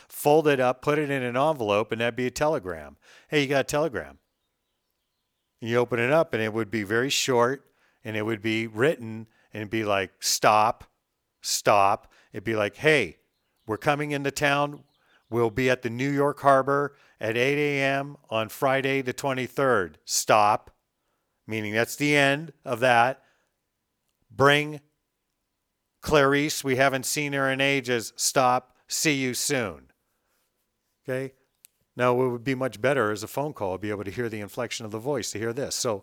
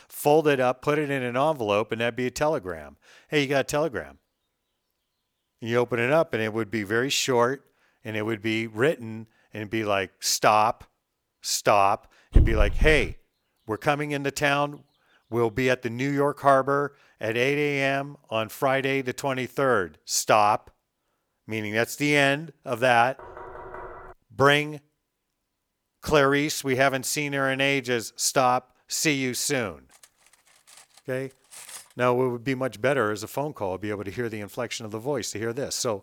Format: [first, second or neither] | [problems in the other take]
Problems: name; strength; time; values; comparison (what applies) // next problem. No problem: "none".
first | dog barking; loud; at 12 s; peak 2 dB above the speech // door banging; faint; at 23 s; peak 15 dB below the speech // clattering dishes; faint; from 30 to 32 s; peak 15 dB below the speech